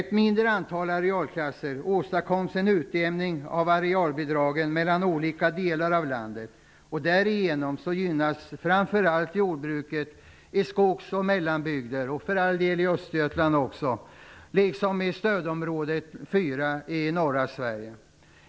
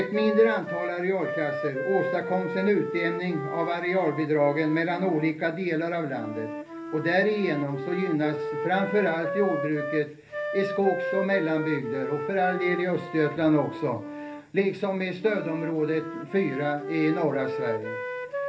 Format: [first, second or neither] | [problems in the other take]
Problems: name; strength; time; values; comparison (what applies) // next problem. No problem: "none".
first | background sound (Wind instrument, woodwind instrument); 7 dB below the speech // room echo; dies away in 0.3 s